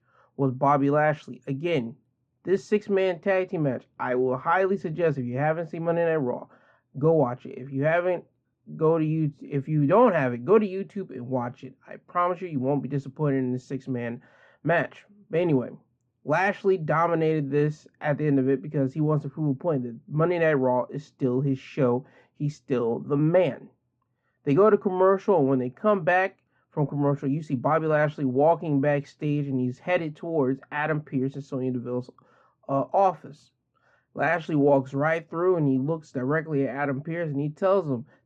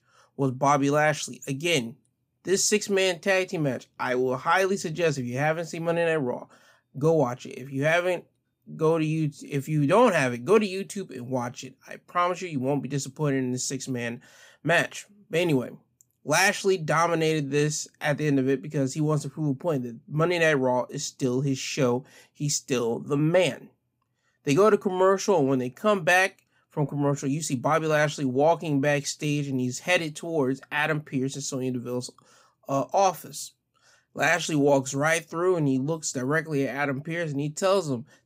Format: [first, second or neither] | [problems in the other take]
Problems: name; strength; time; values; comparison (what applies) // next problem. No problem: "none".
second | muffled; very; fading above 1.5 kHz